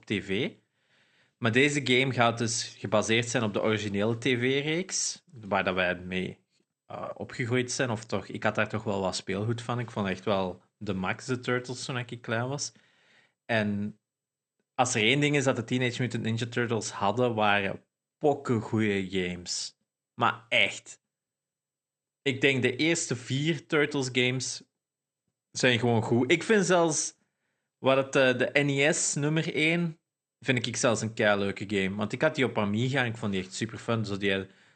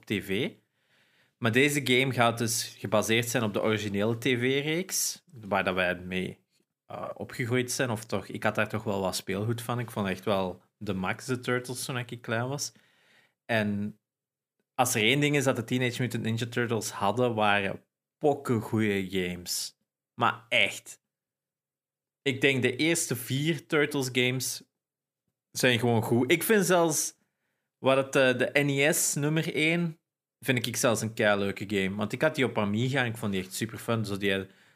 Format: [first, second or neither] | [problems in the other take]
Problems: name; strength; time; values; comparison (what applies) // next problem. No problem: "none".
second | garbled, watery; slightly; nothing above 8.5 kHz